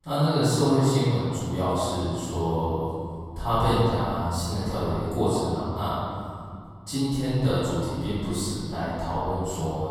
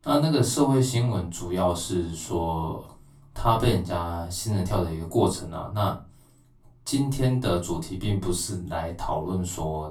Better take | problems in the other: second | room echo; strong; dies away in 2.3 s; slight in the second // off-mic speech; far; far in the second

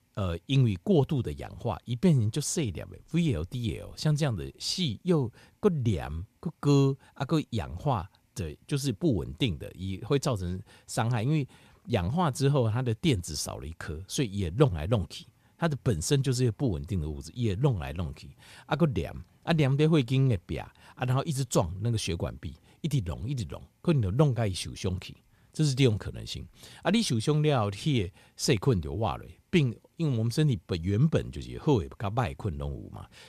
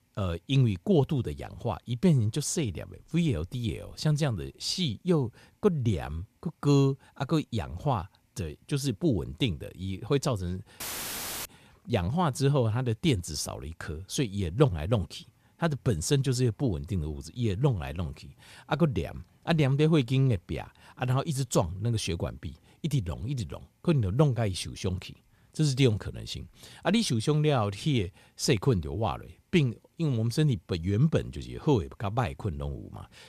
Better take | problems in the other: first | audio cutting out; filled with static; at 11 s for 0.5 s

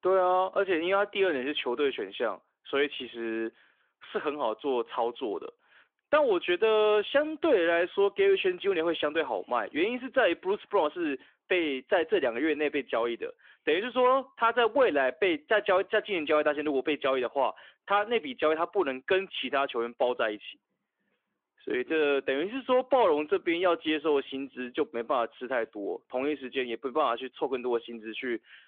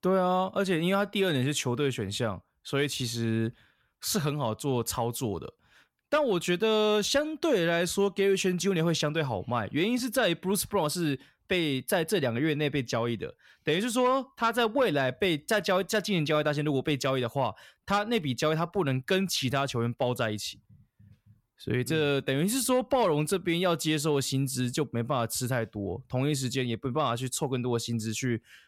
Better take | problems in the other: second | phone-call audio; nothing above 3.5 kHz

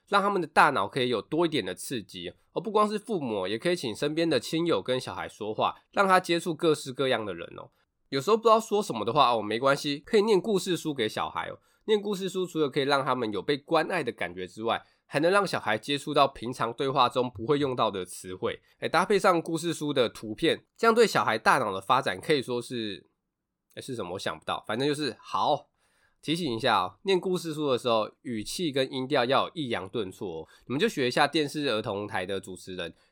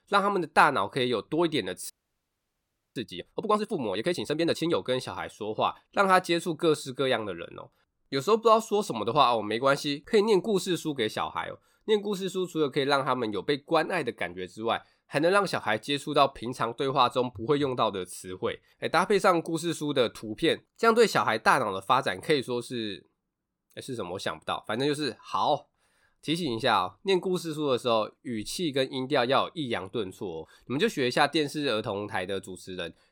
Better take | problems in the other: first | audio freezing; at 2 s for 1 s

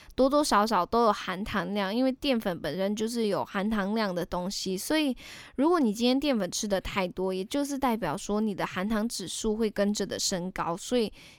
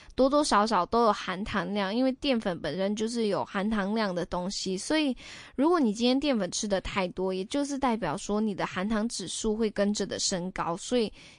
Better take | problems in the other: first | garbled, watery; slightly

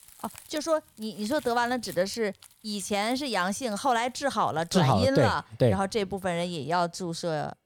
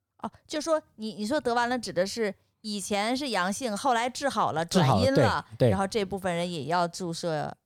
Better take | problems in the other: second | household noises; faint; throughout; 20 dB below the speech

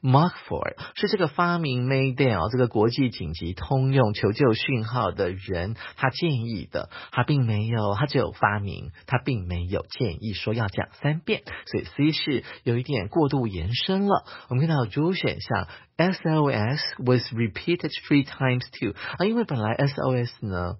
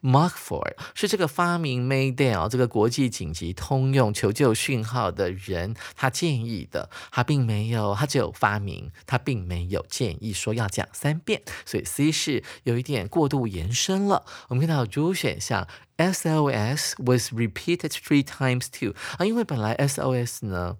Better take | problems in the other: second | garbled, watery; badly; nothing above 5.5 kHz

